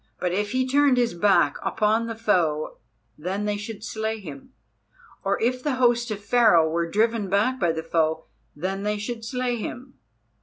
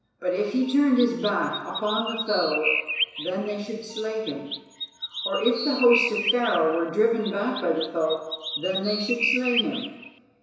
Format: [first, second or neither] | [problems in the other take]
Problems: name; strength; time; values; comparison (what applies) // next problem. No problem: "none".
first | background sound (Chirp, tweet); 5 dB below the speech // room echo; dies away in 1 s